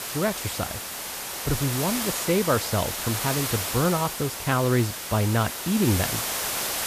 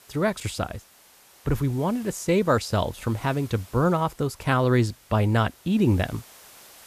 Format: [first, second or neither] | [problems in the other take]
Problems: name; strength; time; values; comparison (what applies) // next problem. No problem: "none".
second | hiss; loud; throughout; 3 dB below the speech; faint in the second